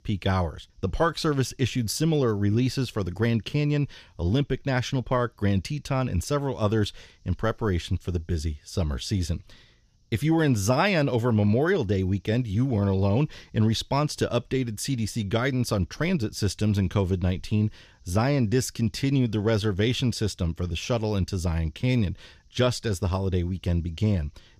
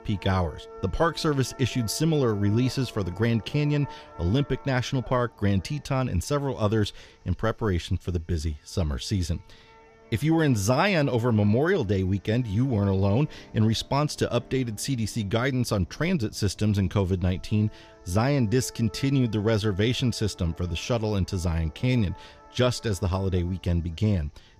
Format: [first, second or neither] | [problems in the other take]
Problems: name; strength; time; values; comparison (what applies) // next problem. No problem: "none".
first | background music; faint; throughout; 25 dB below the speech